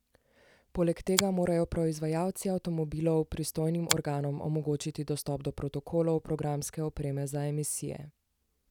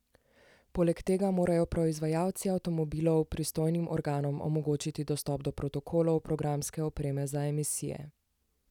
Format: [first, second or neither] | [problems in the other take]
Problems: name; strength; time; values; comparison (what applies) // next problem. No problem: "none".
second | background sound (Finger snapping); 7 dB below the speech